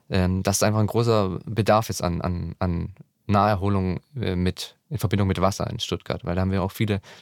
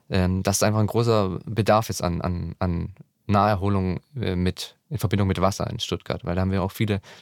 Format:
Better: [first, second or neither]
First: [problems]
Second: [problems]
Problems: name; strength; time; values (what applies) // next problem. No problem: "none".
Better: neither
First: none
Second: none